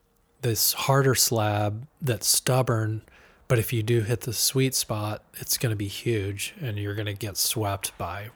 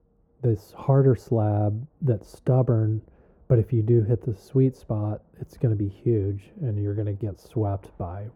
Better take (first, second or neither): first